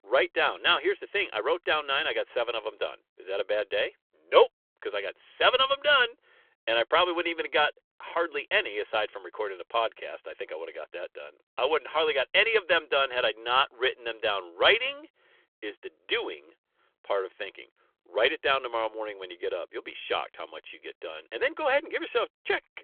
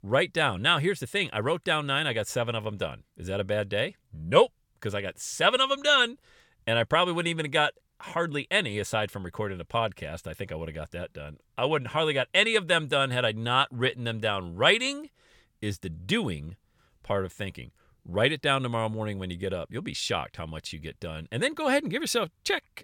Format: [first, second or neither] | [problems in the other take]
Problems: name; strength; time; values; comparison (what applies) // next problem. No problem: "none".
second | phone-call audio; nothing above 3.5 kHz